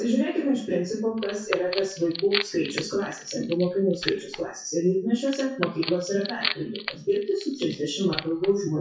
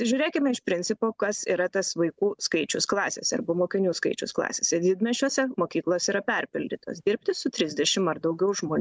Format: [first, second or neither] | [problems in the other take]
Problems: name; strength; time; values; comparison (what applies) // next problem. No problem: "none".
second | noise reduction (classical method WPE with log-MMSE)